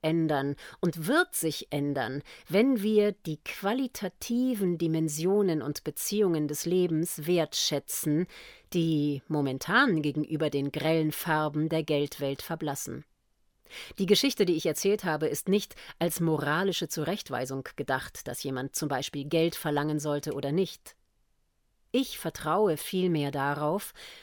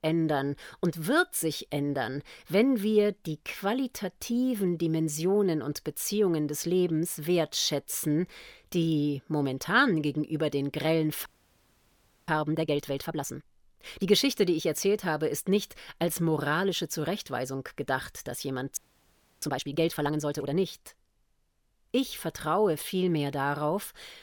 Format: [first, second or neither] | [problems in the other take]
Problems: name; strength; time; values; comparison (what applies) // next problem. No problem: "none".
first | audio freezing; at 11 s for 1 s and at 19 s for 0.5 s